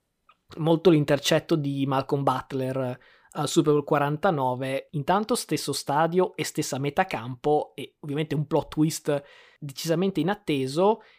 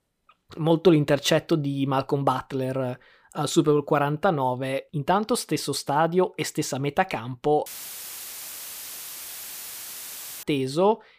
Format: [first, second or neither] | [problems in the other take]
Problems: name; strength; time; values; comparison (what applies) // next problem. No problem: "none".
first | audio cutting out; filled with static; at 7.5 s for 3 s